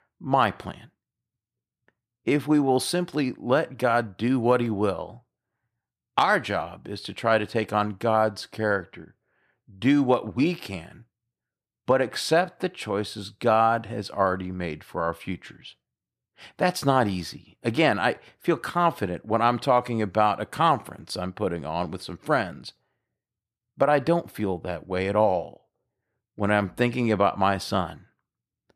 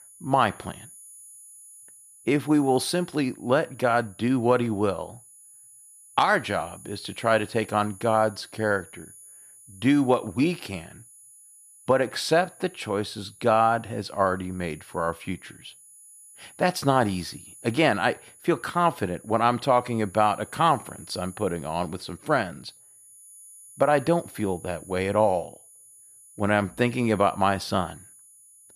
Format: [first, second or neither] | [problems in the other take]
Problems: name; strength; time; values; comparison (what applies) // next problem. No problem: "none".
first | high-pitched whine; faint; throughout; 10 kHz, 20 dB below the speech